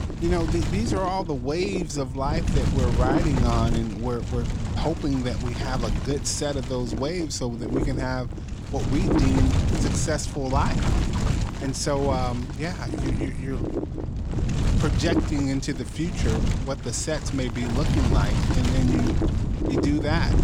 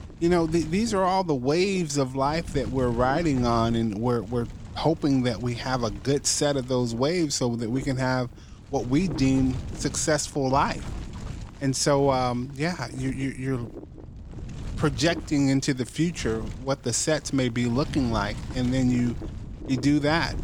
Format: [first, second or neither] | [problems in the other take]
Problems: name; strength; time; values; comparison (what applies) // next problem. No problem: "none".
second | wind noise on the microphone; heavy; 3 dB below the speech; occasional gusts in the second